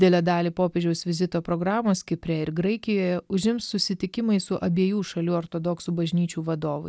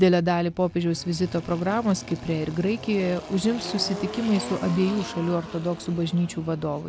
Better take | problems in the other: first | background sound (Engine); 13 dB below the speech

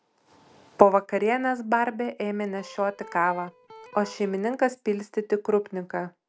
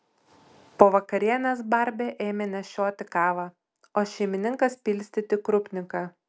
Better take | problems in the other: second | background sound (Electric guitar); 20 dB below the speech

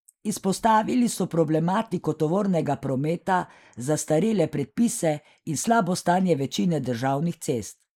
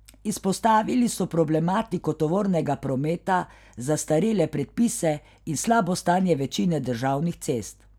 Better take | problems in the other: second | noise reduction (neural mask model Resemble Enhance denoiser)

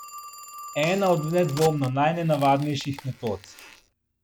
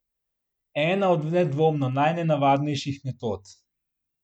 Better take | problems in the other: second | background sound (Telephone + Crack); 16 dB below the speech

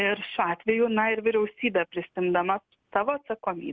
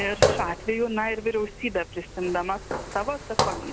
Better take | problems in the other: first | background sound (Walk, footsteps); 1 dB below the speech

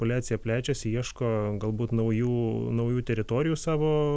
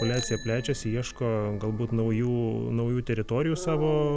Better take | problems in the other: first | background sound (Bicycle bell + Dog); 14 dB below the speech

